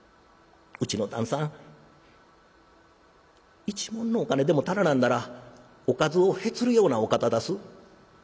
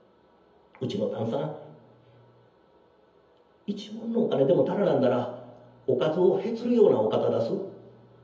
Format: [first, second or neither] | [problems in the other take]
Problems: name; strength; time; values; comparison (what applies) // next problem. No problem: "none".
first | room echo; dies away in 0.7 s